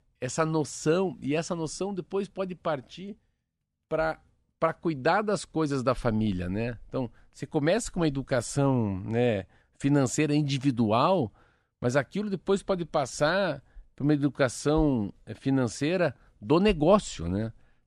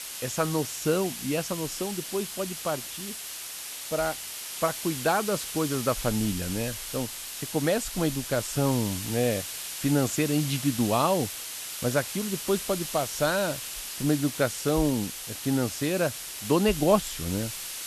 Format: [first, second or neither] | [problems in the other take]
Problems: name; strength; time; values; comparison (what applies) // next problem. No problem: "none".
first | hiss; loud; throughout; 6 dB below the speech